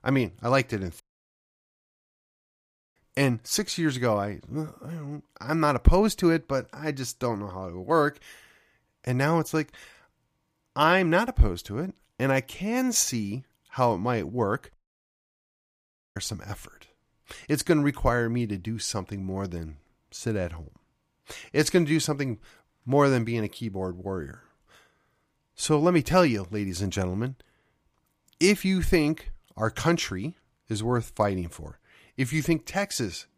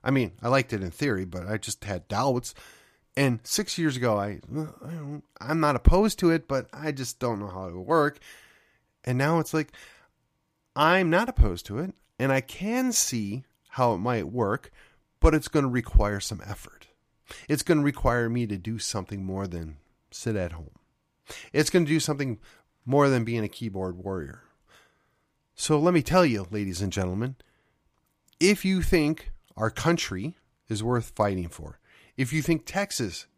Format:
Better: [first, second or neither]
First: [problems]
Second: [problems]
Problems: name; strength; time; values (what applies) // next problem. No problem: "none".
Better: second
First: audio cutting out; at 1 s for 2 s and at 15 s for 1.5 s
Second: none